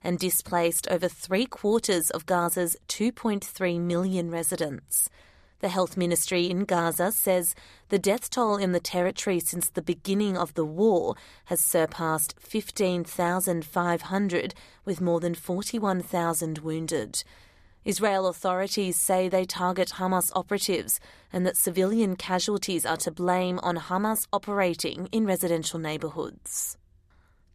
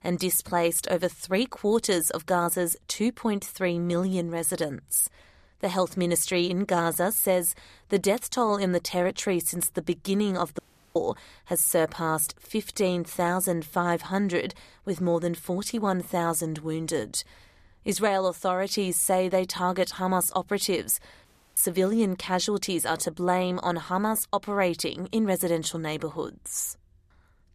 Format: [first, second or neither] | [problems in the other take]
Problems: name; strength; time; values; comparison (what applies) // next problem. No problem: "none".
first | audio cutting out; at 11 s and at 21 s